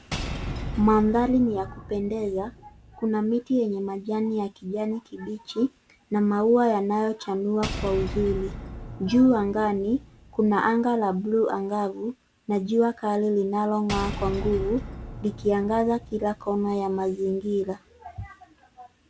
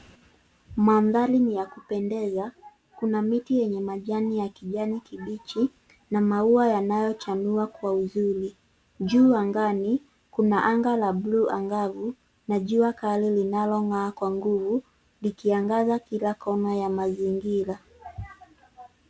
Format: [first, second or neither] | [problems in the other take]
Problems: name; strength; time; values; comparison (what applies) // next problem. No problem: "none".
second | background sound (Shatter / Boom); 10 dB below the speech